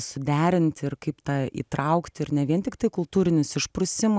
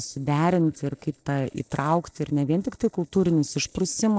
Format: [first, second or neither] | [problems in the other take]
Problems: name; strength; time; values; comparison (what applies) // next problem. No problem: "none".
first | noise reduction (neural separator model SepFormer DNS4)